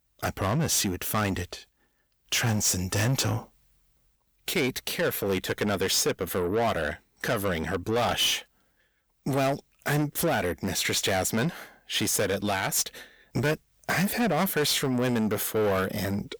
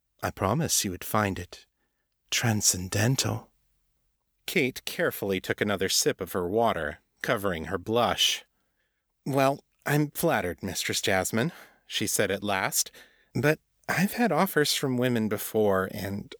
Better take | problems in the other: second | distortion; heavy; 7 dB below the speech

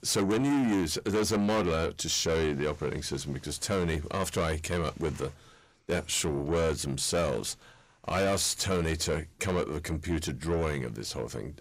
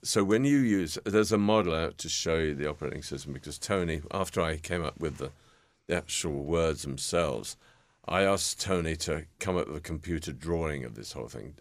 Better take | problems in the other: second | distortion; heavy; 7 dB below the speech

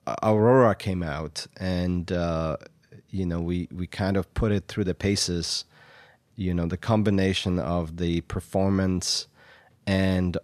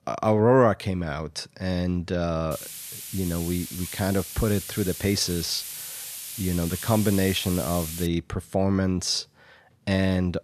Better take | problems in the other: first | hiss; loud; from 2.5 to 8 s; 9 dB below the speech

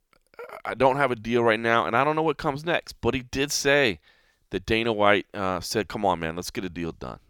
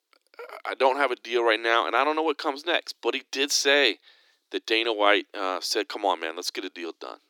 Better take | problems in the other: first | thin; somewhat; fading below 300 Hz

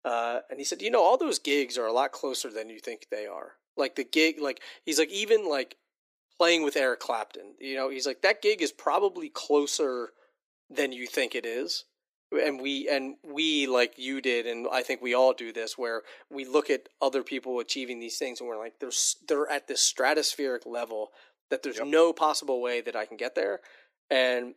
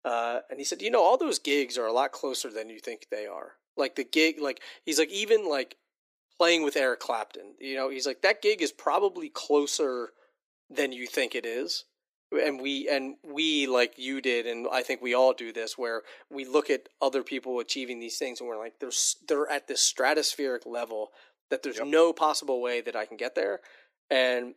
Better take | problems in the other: neither | thin; somewhat; fading below 300 Hz; the same in both

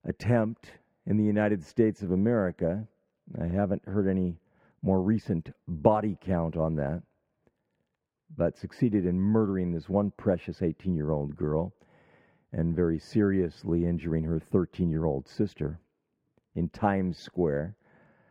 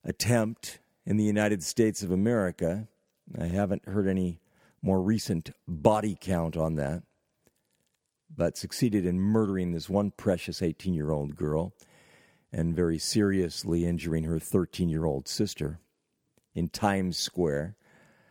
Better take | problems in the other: second | muffled; very; fading above 3.5 kHz

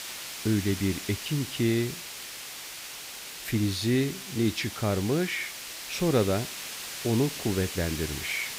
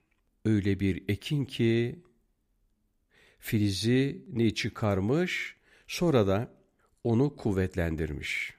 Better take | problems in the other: second | hiss; loud; throughout; 7 dB below the speech

